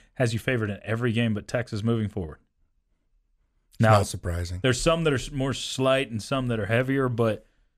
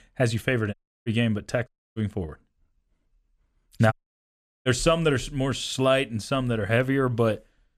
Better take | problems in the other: first | audio cutting out; at 0.5 s, at 1.5 s and at 4 s for 0.5 s

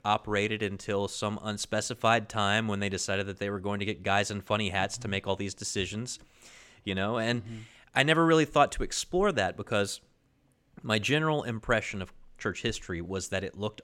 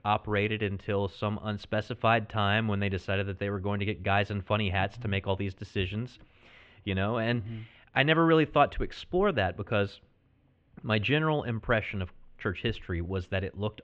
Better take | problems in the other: first | muffled; very; fading above 3 kHz

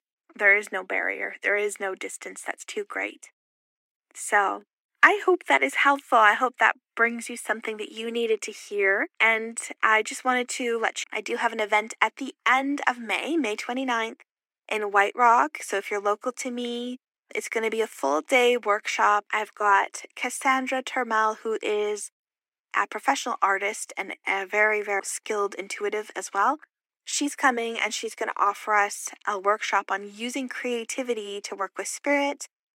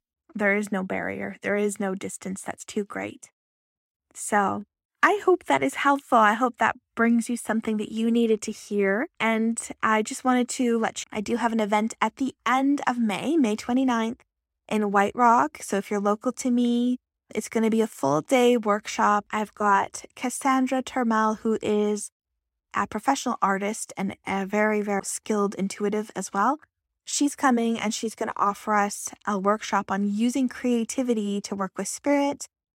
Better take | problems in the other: second | thin; somewhat; fading below 300 Hz

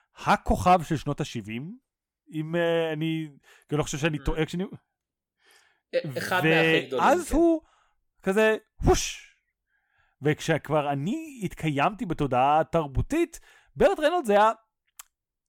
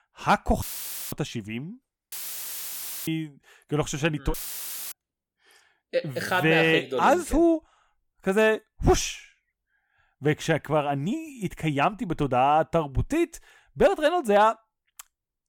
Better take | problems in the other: first | audio cutting out; filled with static; at 0.5 s for 0.5 s, at 2 s for 1 s and at 4.5 s for 0.5 s

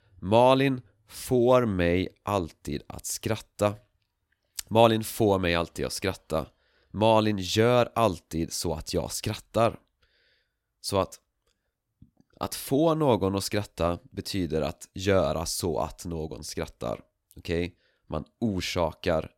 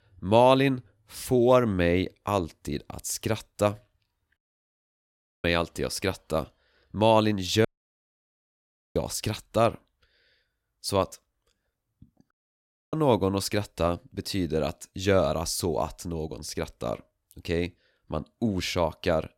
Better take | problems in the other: first | audio cutting out; at 4.5 s for 1 s, at 7.5 s for 1.5 s and at 12 s for 0.5 s

